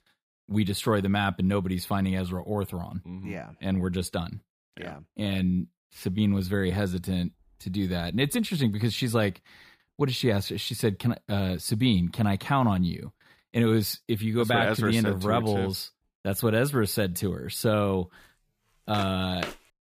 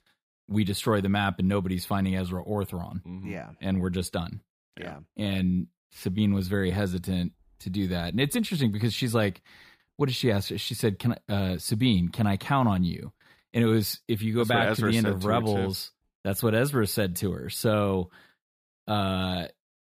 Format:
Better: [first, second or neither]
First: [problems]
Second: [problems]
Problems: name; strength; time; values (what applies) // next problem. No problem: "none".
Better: second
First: footsteps; noticeable; at 19 s; peak 10 dB below the speech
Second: none